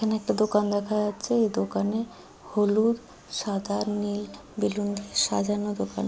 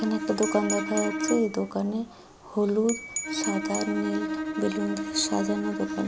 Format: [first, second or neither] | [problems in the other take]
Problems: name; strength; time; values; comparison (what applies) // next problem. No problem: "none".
first | background sound (Glass / Bell + Bowed string instrument); 3 dB below the speech